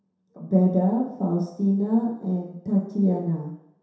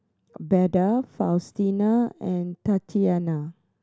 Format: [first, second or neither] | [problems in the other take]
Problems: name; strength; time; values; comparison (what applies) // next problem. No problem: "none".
second | room echo; dies away in 0.7 s